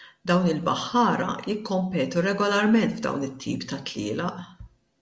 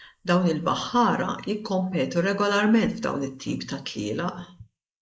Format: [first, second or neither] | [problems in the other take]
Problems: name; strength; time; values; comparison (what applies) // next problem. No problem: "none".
first | noise reduction (neural mask model Resemble Enhance denoiser)